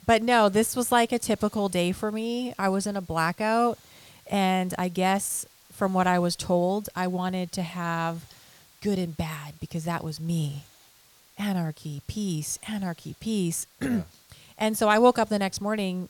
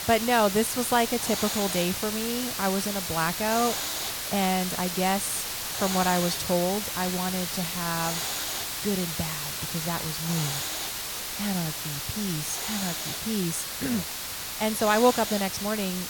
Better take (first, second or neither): first